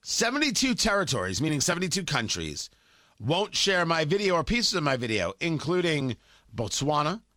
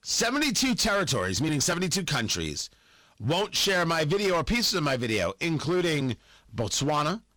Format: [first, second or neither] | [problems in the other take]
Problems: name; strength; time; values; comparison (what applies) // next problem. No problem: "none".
first | distortion; slight; 11% of the sound clipped